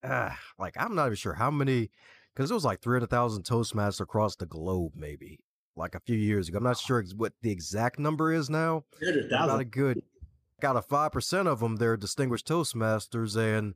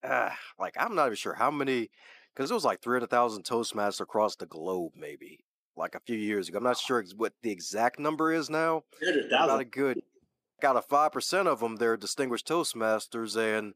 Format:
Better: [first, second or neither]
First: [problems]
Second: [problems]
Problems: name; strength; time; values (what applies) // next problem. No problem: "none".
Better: first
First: none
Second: thin; somewhat; fading below 250 Hz